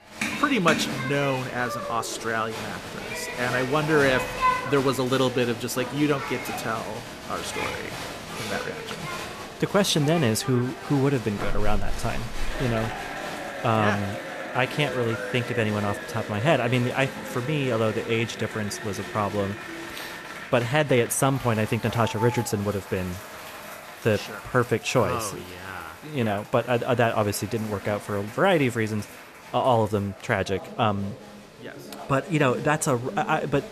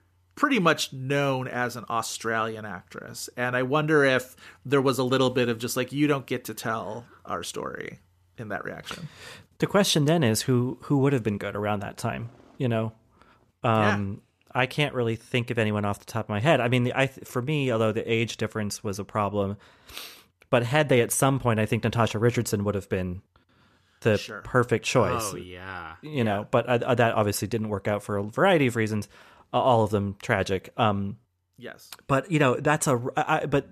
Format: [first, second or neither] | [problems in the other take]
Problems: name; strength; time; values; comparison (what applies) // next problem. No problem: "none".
second | crowd noise; loud; throughout; 8 dB below the speech